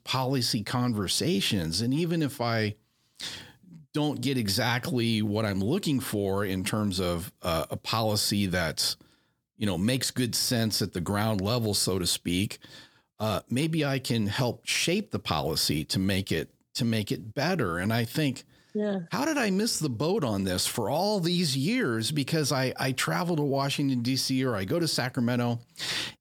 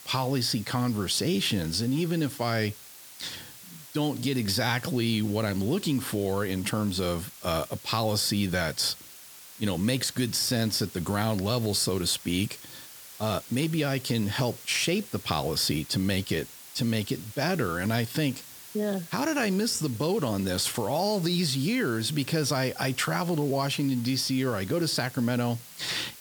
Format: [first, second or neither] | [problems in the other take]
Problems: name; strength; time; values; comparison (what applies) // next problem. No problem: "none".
first | hiss; noticeable; throughout; 15 dB below the speech